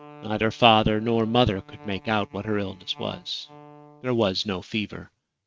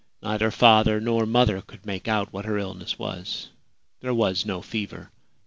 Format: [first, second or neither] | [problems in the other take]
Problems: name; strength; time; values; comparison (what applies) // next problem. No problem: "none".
second | noise reduction (neural mask model RNNoise)